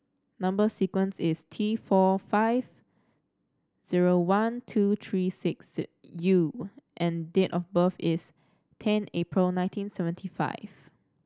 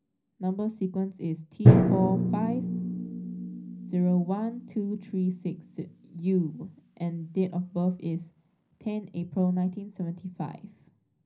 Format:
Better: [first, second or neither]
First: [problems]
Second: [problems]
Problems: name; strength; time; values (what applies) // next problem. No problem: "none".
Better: first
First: none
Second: background sound (Drum); 1 dB above the speech // room echo; dies away in 0.4 s